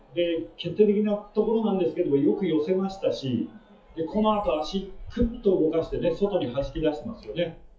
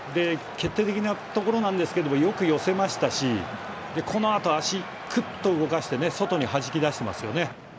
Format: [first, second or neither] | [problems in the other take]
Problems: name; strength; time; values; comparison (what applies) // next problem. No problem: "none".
second | noise reduction (classical method WPE with log-MMSE)